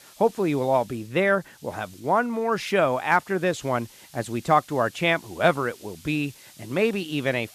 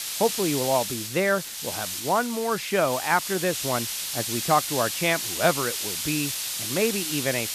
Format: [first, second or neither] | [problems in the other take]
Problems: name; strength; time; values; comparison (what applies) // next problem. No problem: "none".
first | hiss; loud; throughout; 2 dB below the speech; faint in the first